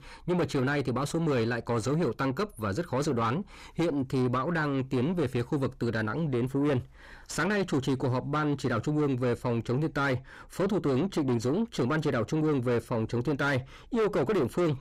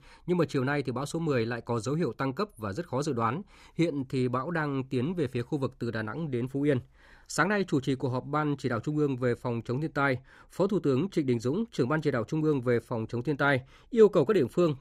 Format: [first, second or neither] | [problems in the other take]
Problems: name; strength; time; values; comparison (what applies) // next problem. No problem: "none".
second | distortion; heavy; 6 dB below the speech